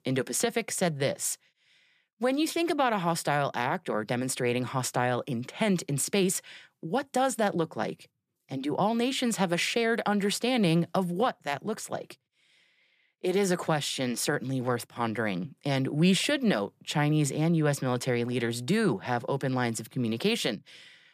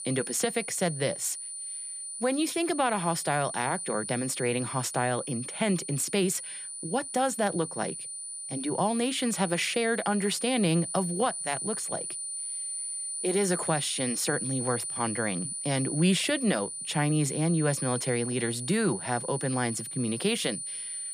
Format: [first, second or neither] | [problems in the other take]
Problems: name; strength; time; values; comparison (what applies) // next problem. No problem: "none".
first | high-pitched whine; loud; throughout; 9.5 kHz, 5 dB below the speech